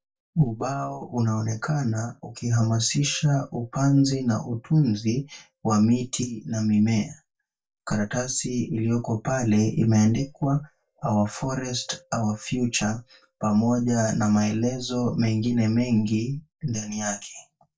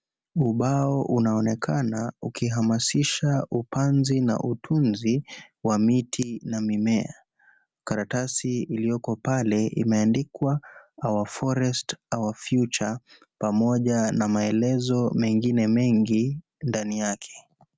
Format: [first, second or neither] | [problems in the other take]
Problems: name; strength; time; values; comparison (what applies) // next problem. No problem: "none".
second | noise reduction (neural mask model DeepFilterNet 3)